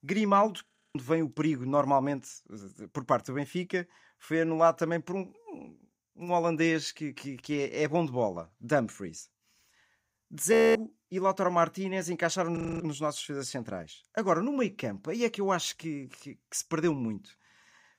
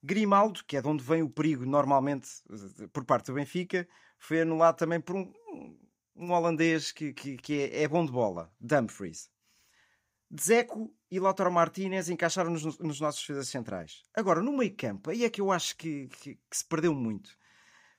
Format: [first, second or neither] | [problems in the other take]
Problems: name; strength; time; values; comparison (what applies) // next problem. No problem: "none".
second | audio freezing; at 0.5 s, at 11 s and at 13 s